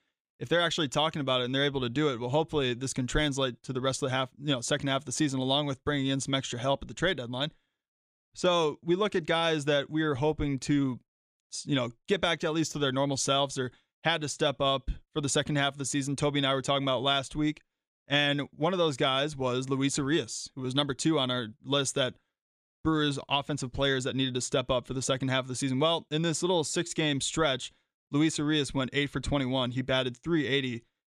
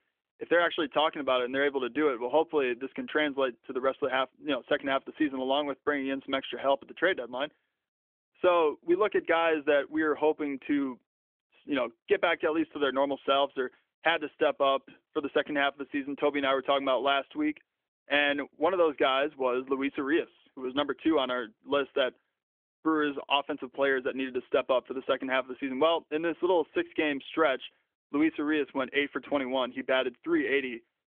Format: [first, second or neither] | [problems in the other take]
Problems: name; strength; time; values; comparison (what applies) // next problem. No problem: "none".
first | phone-call audio; nothing above 3.5 kHz